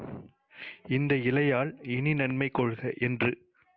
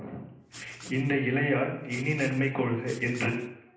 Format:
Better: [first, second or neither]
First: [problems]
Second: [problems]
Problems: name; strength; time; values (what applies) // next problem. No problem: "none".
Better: first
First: none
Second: background sound (Writing); 19 dB below the speech // room echo; dies away in 0.7 s